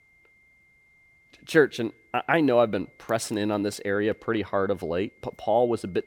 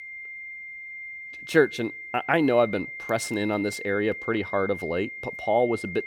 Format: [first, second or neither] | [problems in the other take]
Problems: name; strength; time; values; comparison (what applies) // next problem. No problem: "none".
first | high-pitched whine; loud; throughout; 2 kHz, 10 dB below the speech; faint in the first